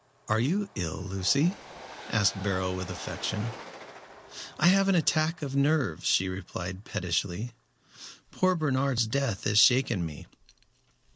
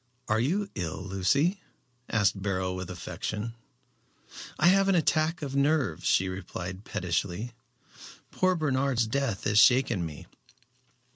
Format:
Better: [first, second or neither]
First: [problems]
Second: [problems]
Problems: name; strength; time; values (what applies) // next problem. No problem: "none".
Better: second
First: background sound (Train); 19 dB below the speech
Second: none